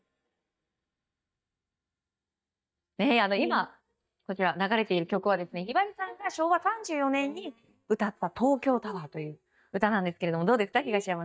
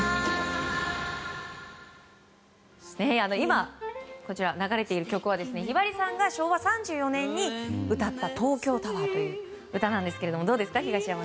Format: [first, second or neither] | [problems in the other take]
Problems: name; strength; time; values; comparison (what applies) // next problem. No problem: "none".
second | noise reduction (neural mask model DeepFilterNet 3)